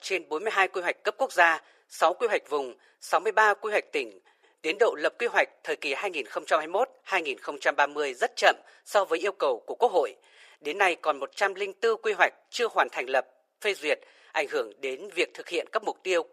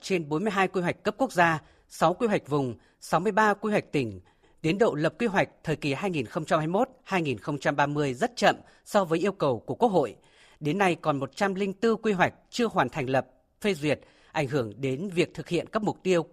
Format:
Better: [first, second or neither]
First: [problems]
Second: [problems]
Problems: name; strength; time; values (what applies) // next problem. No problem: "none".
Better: second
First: thin; very; fading below 450 Hz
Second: none